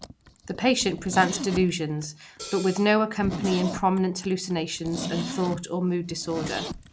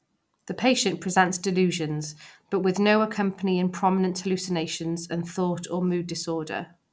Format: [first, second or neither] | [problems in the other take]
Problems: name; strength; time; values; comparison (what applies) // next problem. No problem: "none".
second | background sound (Hi-hat + Zipper (clothing)); 11 dB below the speech